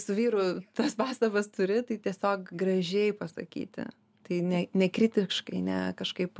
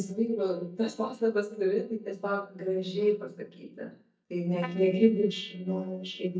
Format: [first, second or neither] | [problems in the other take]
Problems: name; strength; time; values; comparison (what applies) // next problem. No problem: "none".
first | noise reduction (neural mask model DeepFilterNet 3)